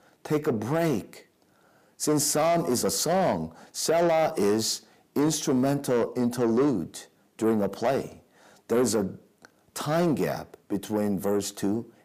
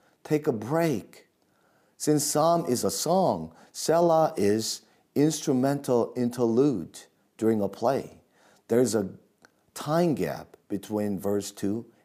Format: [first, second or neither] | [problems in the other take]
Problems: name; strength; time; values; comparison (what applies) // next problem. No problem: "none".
second | distortion; slight; 10 dB below the speech